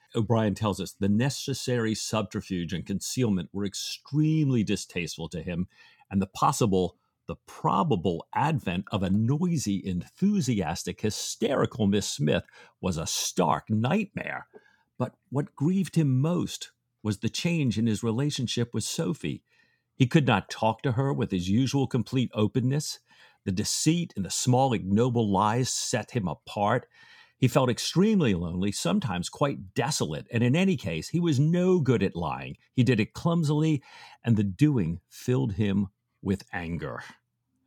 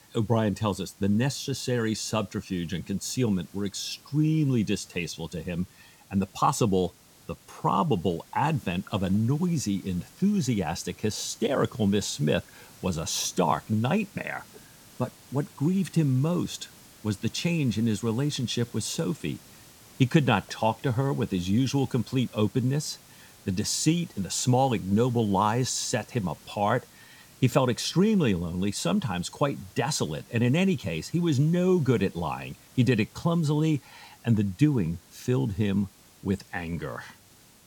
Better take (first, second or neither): first